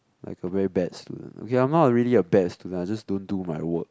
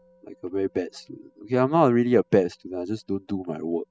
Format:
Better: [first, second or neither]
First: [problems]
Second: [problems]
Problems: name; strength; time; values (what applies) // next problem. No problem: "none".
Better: first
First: none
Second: noise reduction (classical method spectral subtraction)